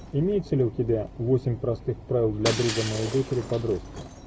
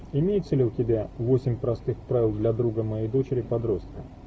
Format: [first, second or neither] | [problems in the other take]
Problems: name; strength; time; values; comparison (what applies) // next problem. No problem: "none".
second | background sound (Shatter); 12 dB below the speech